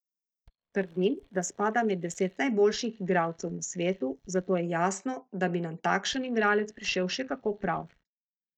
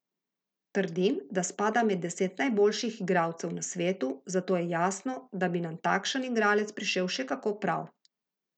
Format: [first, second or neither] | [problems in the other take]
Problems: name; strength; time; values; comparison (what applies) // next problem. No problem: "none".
second | noise reduction (neural mask model DeepFilterNet 3)